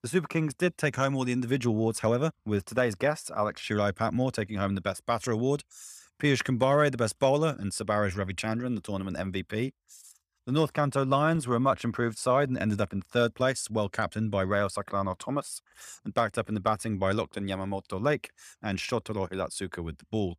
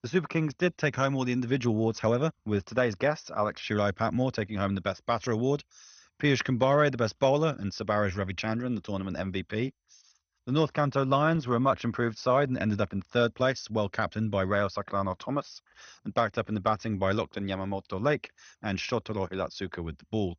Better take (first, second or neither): first